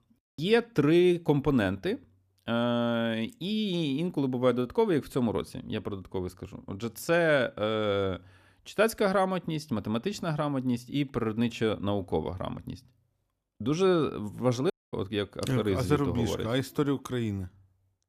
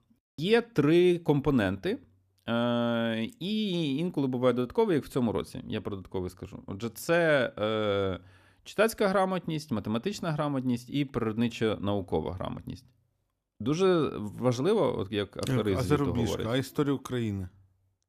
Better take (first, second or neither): second